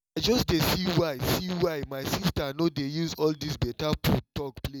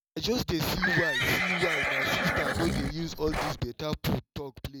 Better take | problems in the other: first | background sound (Livestock, farm animals, working animals); 2 dB above the speech

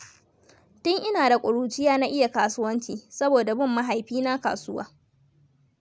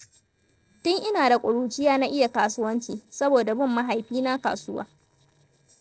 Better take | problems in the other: first | noise reduction (neural separator model SepFormer DNS4)

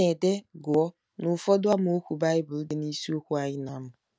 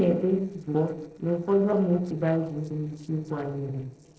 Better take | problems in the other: first | noise reduction (neural separator model SepFormer DNS4)

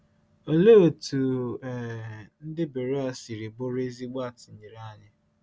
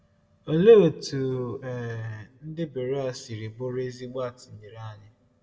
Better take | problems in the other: first | room echo; dies away in 0.7 s

